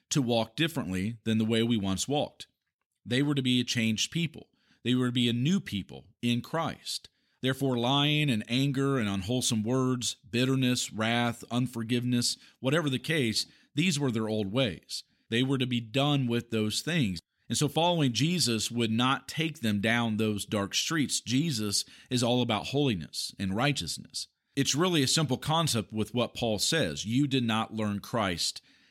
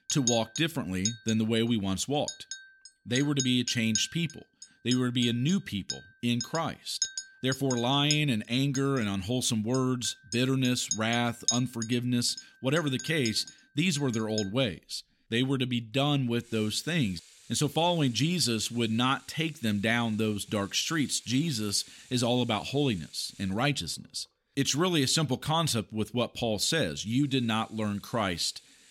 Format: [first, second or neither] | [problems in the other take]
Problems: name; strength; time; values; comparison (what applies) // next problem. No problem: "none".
first | household noises; loud; throughout; 8 dB below the speech